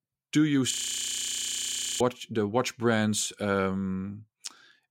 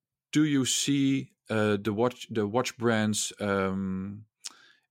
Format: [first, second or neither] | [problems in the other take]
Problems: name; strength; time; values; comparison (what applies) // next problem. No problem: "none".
second | audio freezing; at 0.5 s for 1.5 s